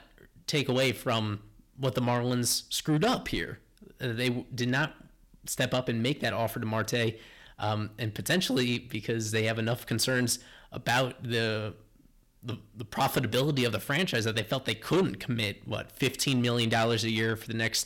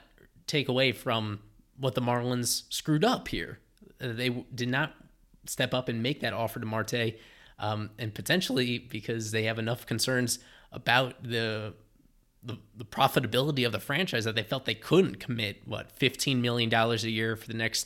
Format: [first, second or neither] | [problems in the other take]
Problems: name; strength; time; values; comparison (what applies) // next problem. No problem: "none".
second | distortion; slight; 10 dB below the speech